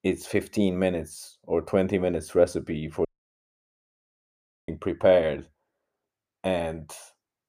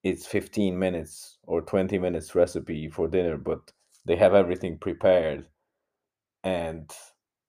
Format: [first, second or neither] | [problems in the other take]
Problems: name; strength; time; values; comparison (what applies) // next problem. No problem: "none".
second | audio cutting out; at 3 s for 1.5 s